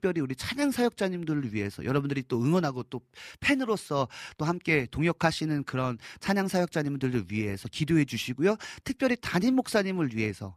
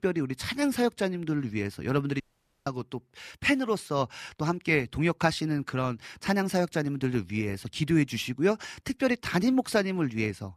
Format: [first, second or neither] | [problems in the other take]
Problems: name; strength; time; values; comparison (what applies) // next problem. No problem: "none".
first | audio cutting out; at 2 s